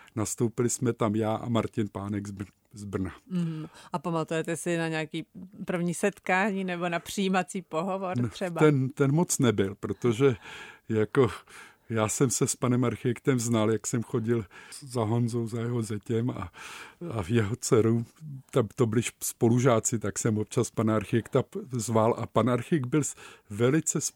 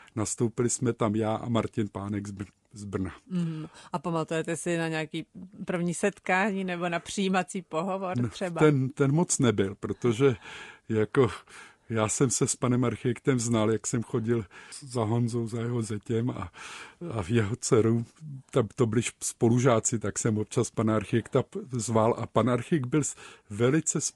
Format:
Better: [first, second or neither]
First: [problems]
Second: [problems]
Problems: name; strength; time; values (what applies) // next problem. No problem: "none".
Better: first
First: none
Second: garbled, watery; slightly